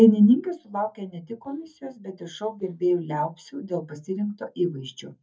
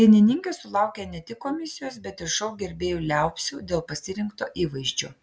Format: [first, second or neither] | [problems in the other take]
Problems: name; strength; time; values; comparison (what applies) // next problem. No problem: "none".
second | noise reduction (neural mask model DeepFilterNet 3)